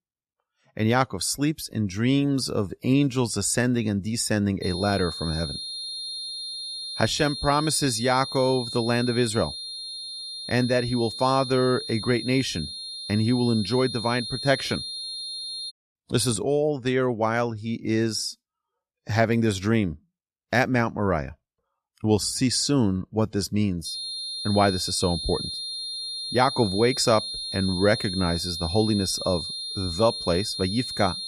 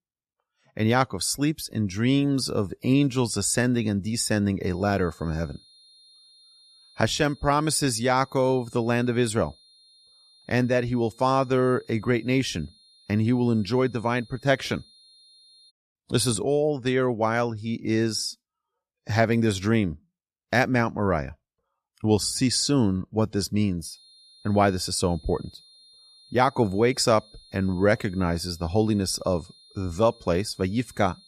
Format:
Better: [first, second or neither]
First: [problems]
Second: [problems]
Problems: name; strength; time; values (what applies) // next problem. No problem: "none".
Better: second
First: high-pitched whine; loud; from 4.5 to 16 s and from 24 s on; 4 kHz, 6 dB below the speech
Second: high-pitched whine; faint; from 4.5 to 16 s and from 24 s on; 4 kHz, 30 dB below the speech